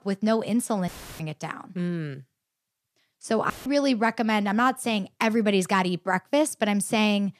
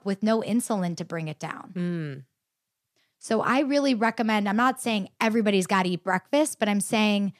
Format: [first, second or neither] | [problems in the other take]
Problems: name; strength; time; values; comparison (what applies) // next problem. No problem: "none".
second | audio cutting out; filled with static; at 1 s and at 3.5 s